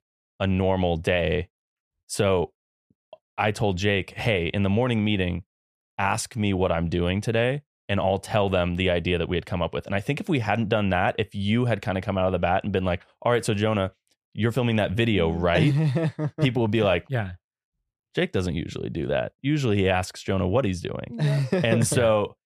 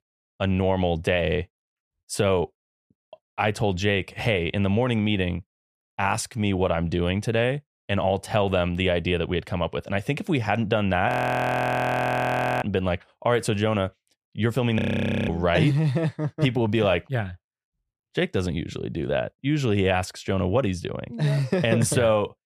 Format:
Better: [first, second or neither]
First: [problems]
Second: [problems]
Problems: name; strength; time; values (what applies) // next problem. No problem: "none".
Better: first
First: none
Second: audio freezing; at 11 s for 1.5 s and at 15 s for 0.5 s